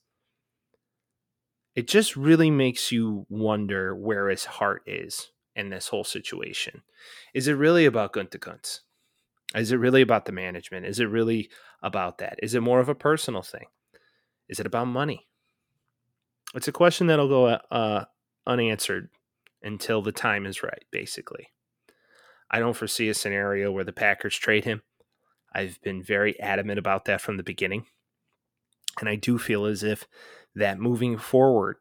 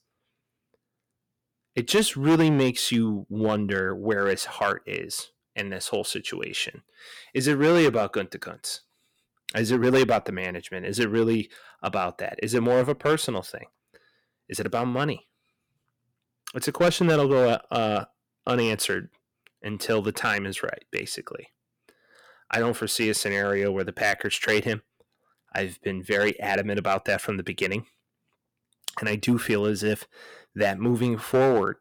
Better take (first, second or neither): first